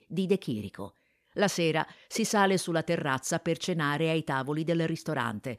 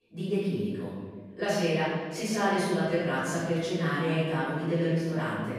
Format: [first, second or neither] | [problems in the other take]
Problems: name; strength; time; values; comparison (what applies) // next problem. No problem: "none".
first | room echo; strong; dies away in 1.5 s // off-mic speech; far